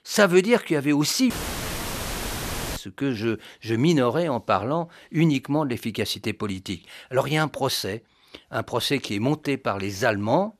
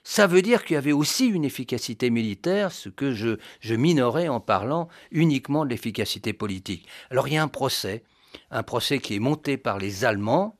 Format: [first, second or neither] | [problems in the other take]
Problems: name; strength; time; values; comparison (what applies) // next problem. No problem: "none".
second | audio cutting out; filled with static; at 1.5 s for 1.5 s